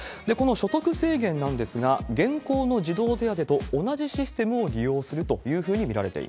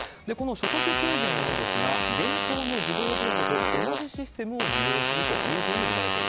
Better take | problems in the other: first | background sound (Fart); 4 dB above the speech

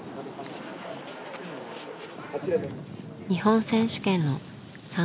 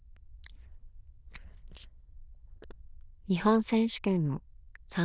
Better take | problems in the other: first | noise reduction (neural diffusion model UNIVERSE++)

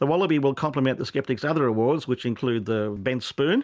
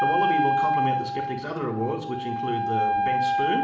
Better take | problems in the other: first | background sound (Wind instrument, woodwind instrument); 5 dB above the speech // room echo; dies away in 0.9 s

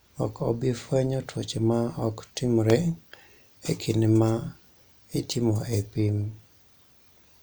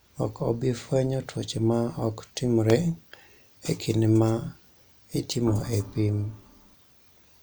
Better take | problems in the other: first | background sound (Organ); 15 dB below the speech

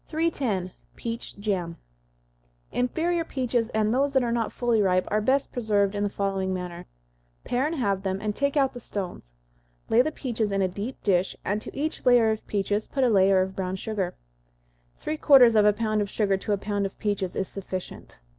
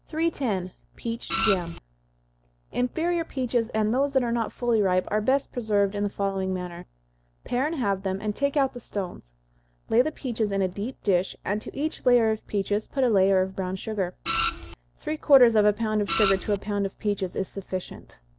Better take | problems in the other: first | background sound (Printer); 3 dB below the speech

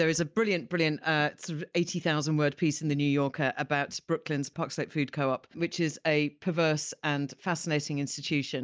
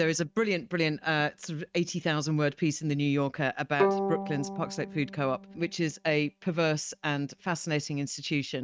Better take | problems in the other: first | noise reduction (neural mask model RNNoise)

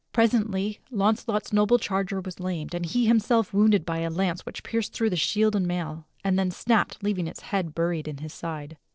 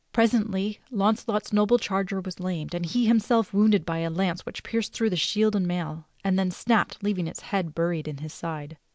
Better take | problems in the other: second | noise reduction (neural separator model SepFormer DNS4)

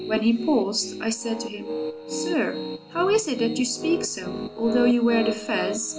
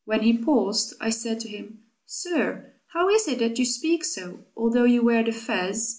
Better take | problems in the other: second | background sound (Piano); 7 dB below the speech

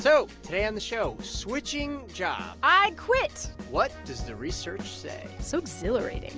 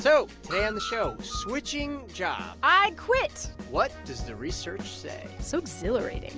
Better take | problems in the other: first | background sound (Screech); 9 dB below the speech

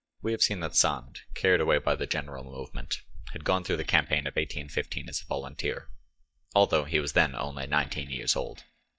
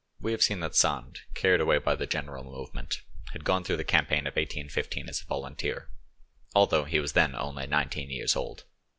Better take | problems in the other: second | noise reduction (neural mask model DeepFilterNet 3)

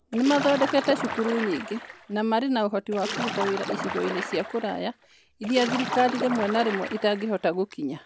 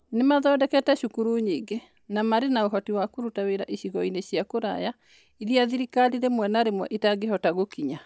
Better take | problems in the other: second | background sound (Splash, splatter); 7 dB below the speech

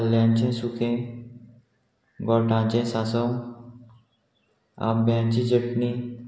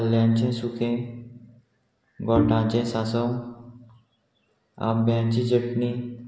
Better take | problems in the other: first | background sound (Bowed string instrument); 4 dB below the speech

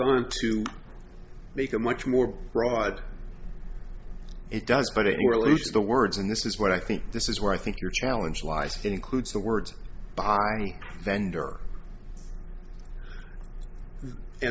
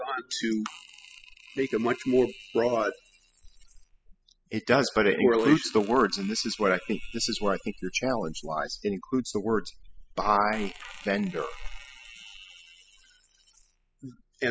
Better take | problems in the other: first | noise reduction (classical method spectral subtraction)

